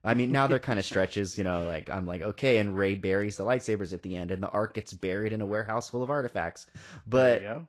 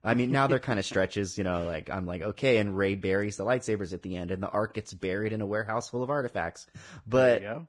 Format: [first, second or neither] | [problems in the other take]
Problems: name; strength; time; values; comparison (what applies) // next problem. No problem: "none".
first | garbled, watery; badly; nothing above 10 kHz; slightly in the first